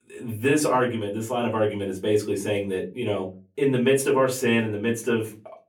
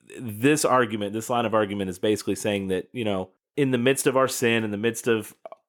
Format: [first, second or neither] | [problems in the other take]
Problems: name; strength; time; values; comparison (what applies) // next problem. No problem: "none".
second | off-mic speech; far // room echo; very slight; dies away in 0.3 s